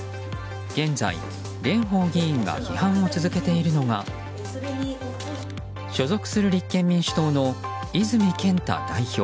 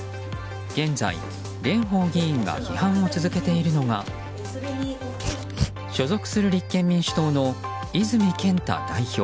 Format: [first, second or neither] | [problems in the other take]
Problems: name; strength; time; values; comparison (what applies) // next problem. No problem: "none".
first | background sound (Dog); 15 dB below the speech